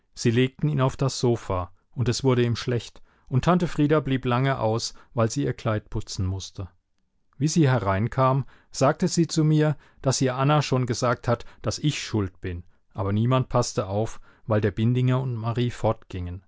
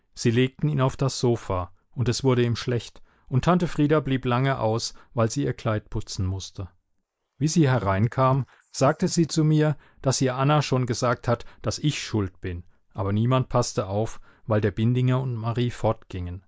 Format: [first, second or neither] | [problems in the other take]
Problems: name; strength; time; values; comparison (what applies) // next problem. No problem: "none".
first | noise reduction (neural mask model Resemble Enhance denoiser)